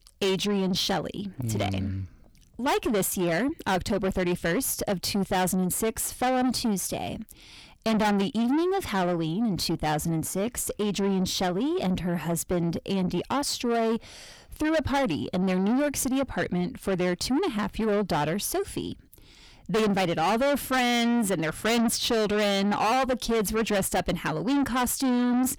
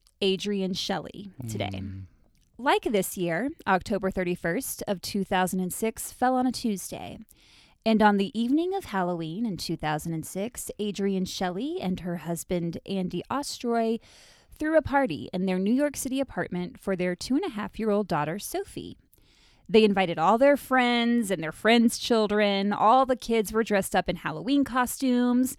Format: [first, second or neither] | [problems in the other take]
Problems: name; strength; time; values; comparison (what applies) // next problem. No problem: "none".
second | distortion; heavy; 6 dB below the speech